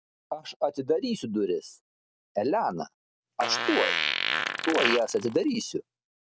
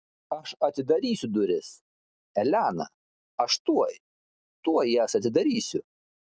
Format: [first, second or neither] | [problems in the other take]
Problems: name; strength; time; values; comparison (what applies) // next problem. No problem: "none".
second | background sound (Fart); 1 dB below the speech